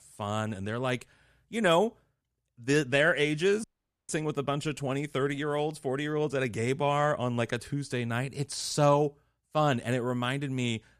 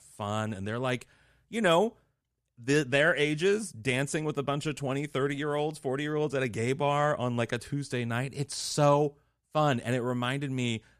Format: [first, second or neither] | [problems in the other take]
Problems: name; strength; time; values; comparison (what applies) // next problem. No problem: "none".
second | audio cutting out; at 3.5 s